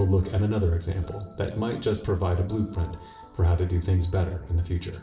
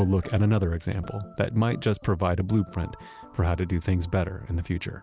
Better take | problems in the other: second | room echo; dies away in 0.7 s

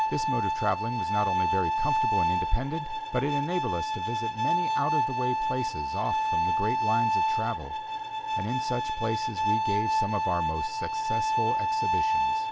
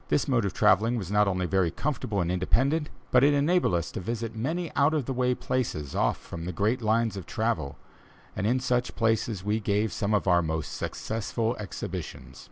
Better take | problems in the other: second | background sound (Bowed string instrument); 5 dB above the speech

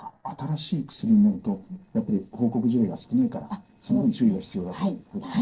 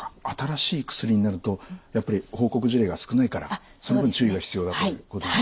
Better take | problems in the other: second | noise reduction (neural separator model SepFormer DNS4)

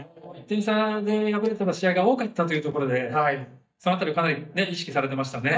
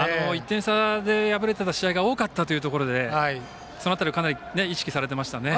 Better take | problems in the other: second | noise reduction (neural mask model DeepFilterNet 3)

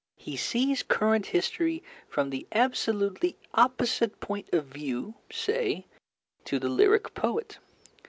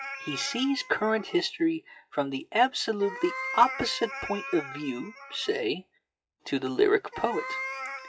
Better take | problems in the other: first | noise reduction (classical method WPE with log-MMSE)

